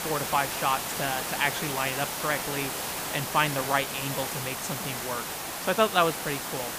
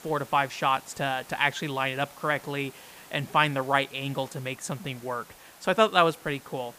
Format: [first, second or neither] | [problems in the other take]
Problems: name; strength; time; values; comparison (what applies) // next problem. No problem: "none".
second | hiss; loud; throughout; 2 dB below the speech; faint in the second